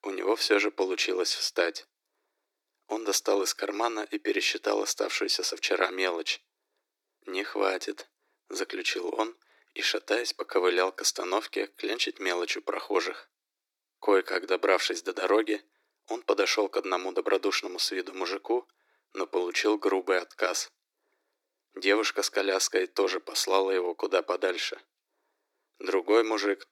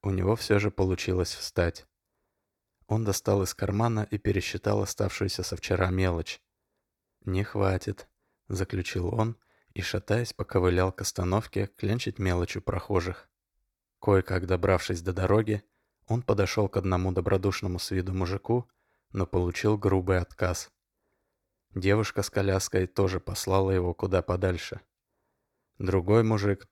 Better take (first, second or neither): second